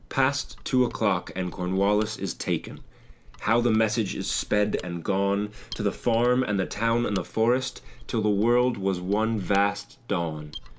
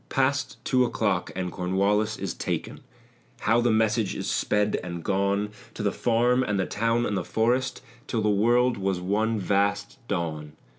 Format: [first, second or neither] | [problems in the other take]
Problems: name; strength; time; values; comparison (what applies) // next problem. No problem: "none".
second | background sound (Mechanisms); 17 dB below the speech